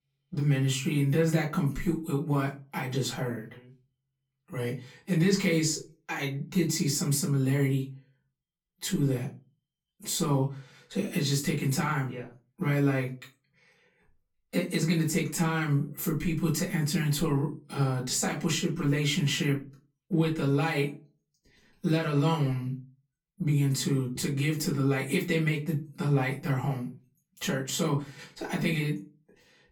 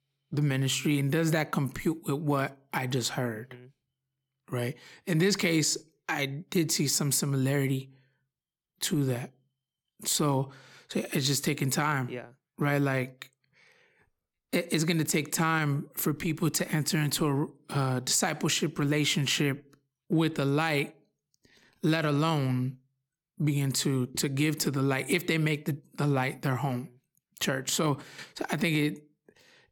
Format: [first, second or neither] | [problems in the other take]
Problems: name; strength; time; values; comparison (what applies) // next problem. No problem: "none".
second | off-mic speech; far // room echo; very slight; dies away in 0.2 s